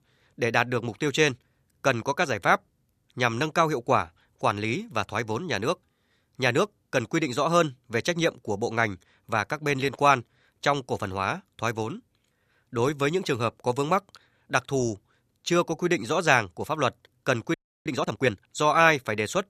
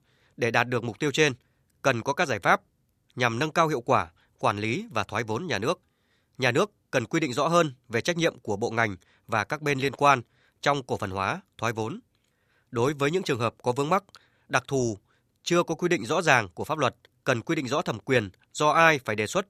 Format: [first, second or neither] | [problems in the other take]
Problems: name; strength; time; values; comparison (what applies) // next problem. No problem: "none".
second | audio freezing; at 18 s